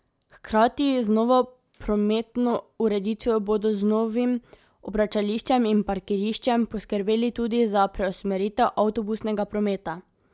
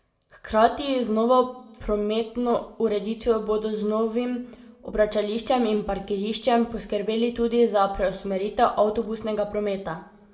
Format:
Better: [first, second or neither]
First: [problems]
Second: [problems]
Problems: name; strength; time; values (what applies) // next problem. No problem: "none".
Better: first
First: none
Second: room echo; dies away in 0.7 s